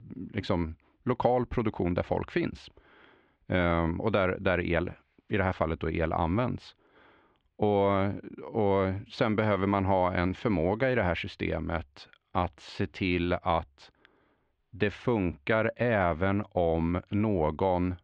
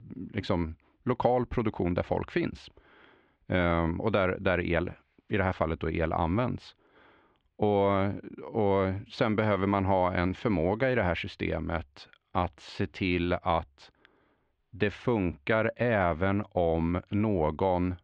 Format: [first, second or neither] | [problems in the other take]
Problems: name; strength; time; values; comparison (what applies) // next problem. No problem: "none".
neither | muffled; very; fading above 3 kHz; the same in both